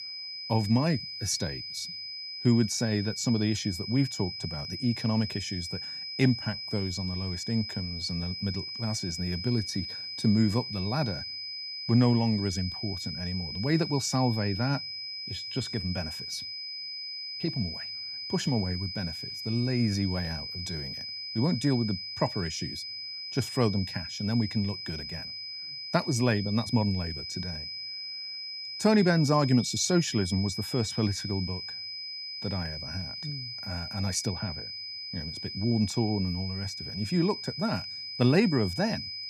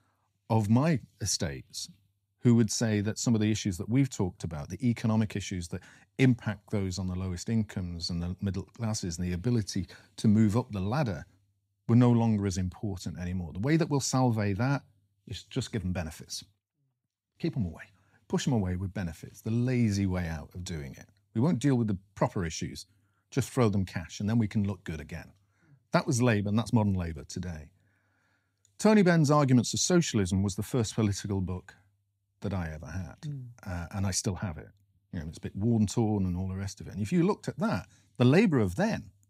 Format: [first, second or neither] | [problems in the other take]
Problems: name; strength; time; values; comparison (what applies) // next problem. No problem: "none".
second | high-pitched whine; loud; throughout; 5 kHz, 6 dB below the speech